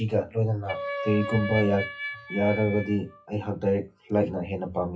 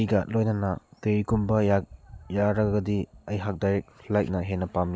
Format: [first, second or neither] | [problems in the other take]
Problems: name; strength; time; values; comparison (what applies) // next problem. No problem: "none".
second | noise reduction (classical method WPE with log-MMSE)